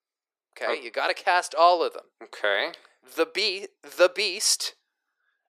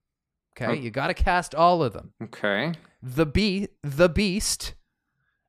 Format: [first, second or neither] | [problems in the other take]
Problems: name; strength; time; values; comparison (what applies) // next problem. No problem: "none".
second | thin; very; fading below 400 Hz